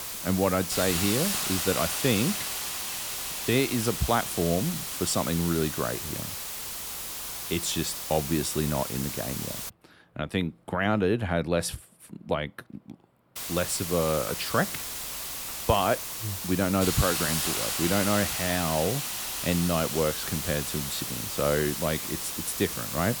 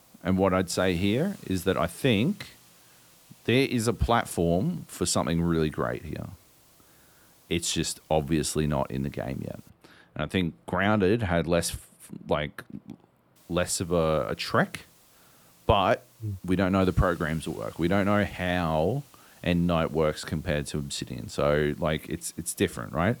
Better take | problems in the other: second | hiss; loud; until 9.5 s and from 13 s on; 2 dB below the speech; faint in the second

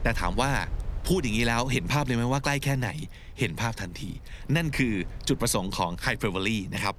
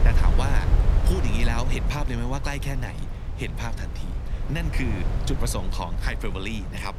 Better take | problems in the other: first | wind noise on the microphone; heavy; 6 dB below the speech; occasional gusts in the first

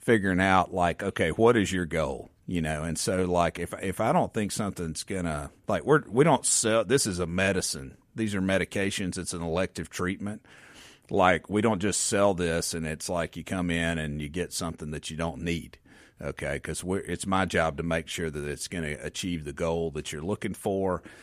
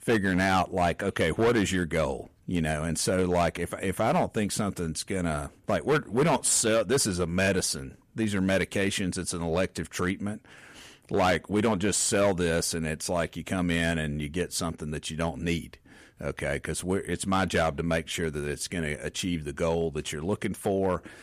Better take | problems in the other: first | distortion; slight; 4% of the sound clipped

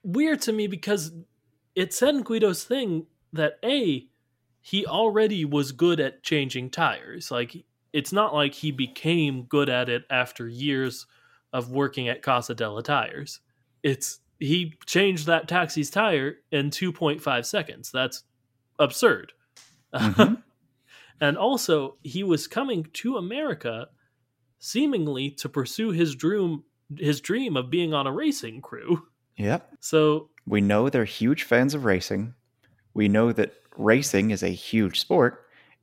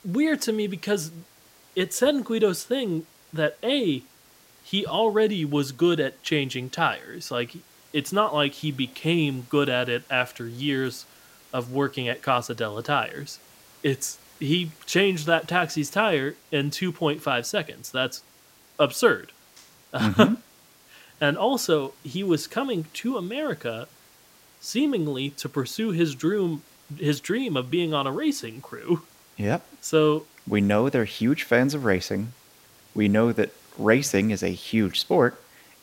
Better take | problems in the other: first | hiss; faint; throughout; 25 dB below the speech

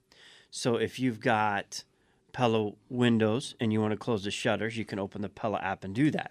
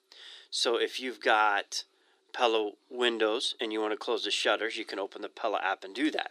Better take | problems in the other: first | thin; very; fading below 350 Hz

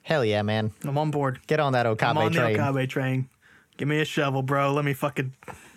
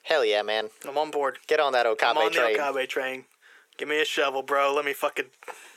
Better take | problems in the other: first | thin; very; fading below 400 Hz

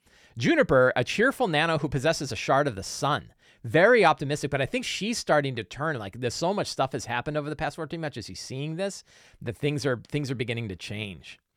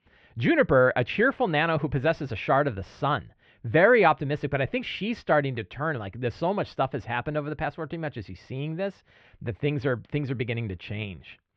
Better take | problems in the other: first | muffled; very; fading above 3 kHz

